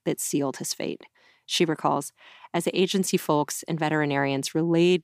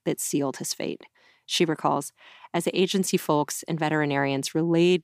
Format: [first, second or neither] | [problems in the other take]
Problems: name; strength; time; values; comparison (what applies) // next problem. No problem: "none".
neither | none